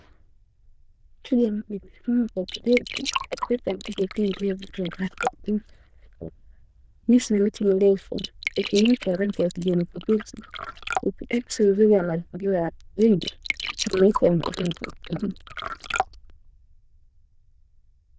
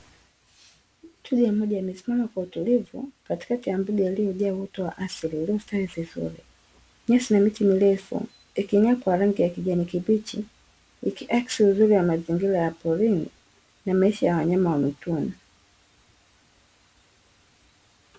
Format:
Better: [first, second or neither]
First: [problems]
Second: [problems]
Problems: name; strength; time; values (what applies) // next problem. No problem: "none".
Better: second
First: noise reduction (neural diffusion model UNIVERSE++)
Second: none